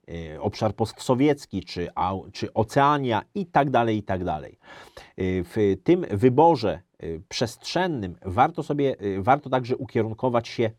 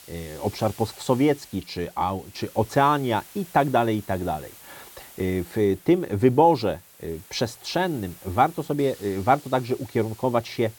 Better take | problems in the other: first | hiss; faint; throughout; 20 dB below the speech

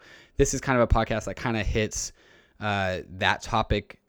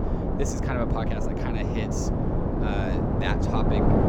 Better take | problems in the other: first | wind noise on the microphone; heavy; 3 dB above the speech

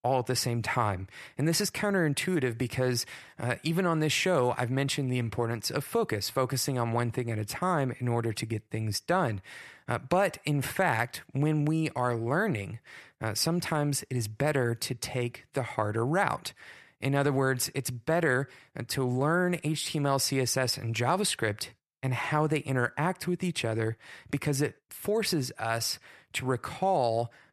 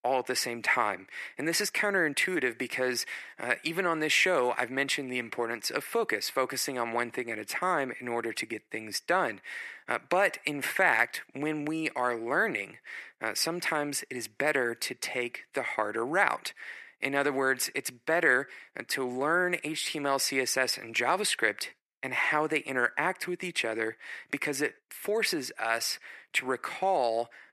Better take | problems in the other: first | thin; somewhat; fading below 250 Hz

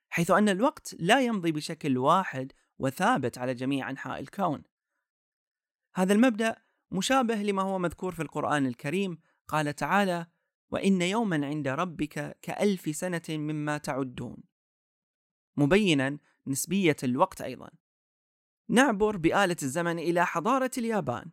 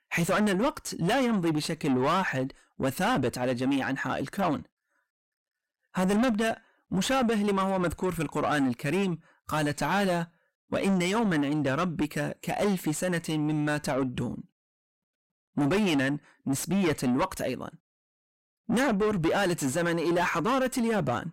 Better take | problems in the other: first | distortion; heavy; 5 dB below the speech

